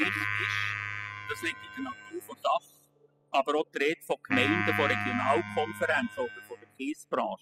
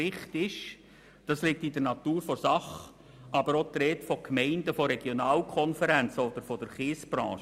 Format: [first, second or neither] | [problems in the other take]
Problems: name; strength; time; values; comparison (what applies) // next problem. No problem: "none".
second | noise reduction (classical method spectral subtraction)